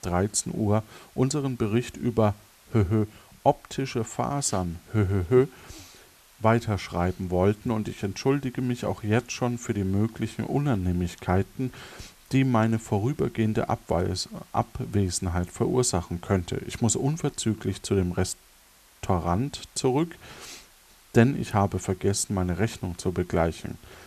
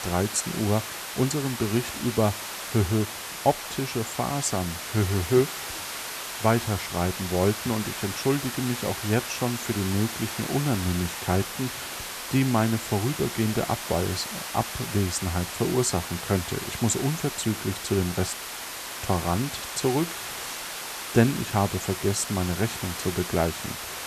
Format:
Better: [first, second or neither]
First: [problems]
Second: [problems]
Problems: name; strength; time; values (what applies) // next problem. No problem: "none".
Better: first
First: hiss; faint; throughout; 25 dB below the speech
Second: hiss; loud; throughout; 6 dB below the speech